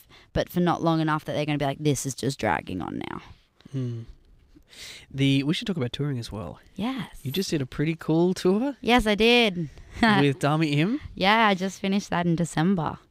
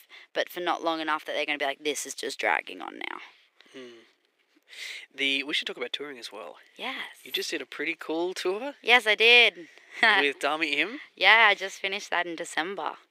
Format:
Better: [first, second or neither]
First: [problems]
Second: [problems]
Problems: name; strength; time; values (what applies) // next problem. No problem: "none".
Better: first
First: none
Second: thin; very; fading below 350 Hz